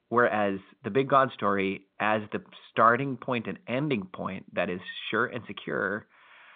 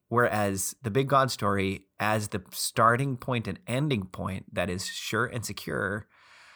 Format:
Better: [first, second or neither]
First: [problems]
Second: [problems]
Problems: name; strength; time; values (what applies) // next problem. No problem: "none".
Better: second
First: phone-call audio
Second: none